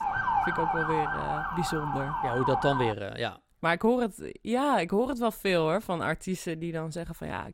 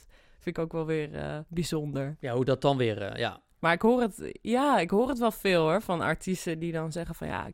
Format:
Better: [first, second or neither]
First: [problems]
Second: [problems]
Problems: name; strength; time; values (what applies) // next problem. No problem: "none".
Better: second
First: siren; loud; until 3 s; peak 3 dB above the speech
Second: none